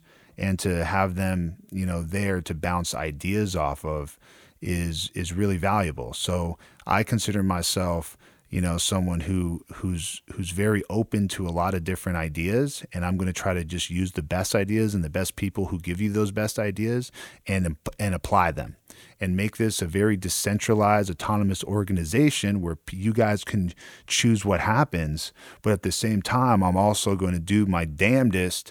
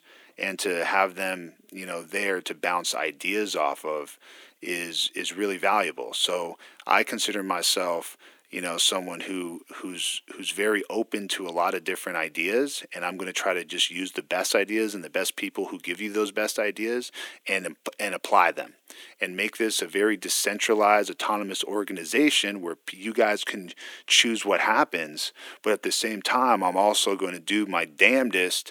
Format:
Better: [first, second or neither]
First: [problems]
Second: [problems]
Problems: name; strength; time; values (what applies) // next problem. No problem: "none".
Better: first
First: none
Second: thin; somewhat; fading below 300 Hz